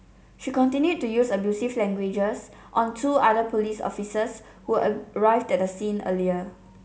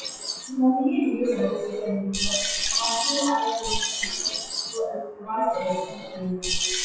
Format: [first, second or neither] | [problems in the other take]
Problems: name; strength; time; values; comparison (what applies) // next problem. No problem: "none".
first | noise reduction (classical method WPE with log-MMSE)